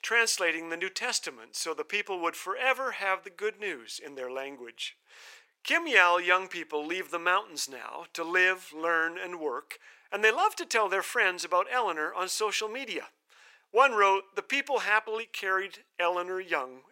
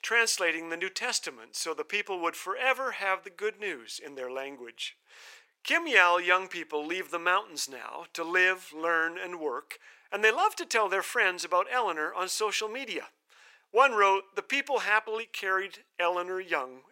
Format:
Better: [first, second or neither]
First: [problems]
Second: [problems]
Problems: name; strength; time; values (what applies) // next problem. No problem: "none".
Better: neither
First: thin; very; fading below 550 Hz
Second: thin; very; fading below 550 Hz